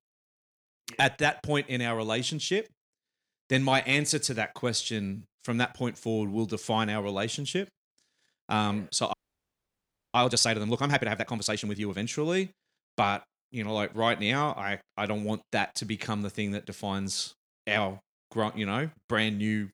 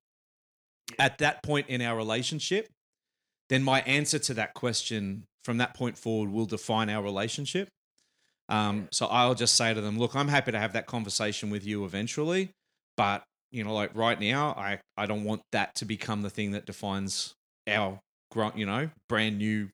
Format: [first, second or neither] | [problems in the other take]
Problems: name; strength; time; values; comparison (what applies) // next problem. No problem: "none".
second | audio freezing; at 9 s for 1 s